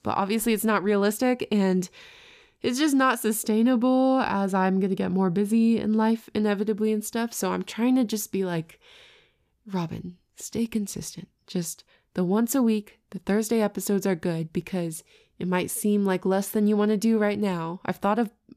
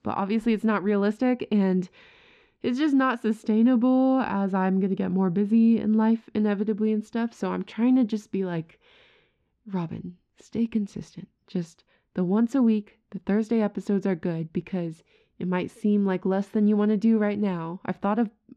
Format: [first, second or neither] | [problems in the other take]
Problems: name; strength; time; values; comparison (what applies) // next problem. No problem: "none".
first | muffled; slightly; fading above 3 kHz